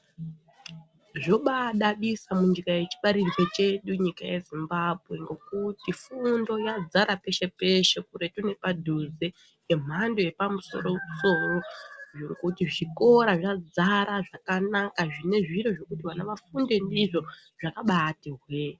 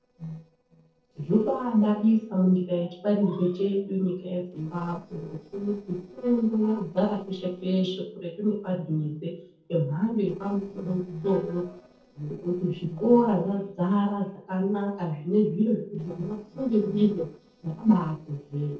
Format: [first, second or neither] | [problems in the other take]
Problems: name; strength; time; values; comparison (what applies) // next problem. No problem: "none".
first | noise reduction (neural separator model SepFormer DNS4)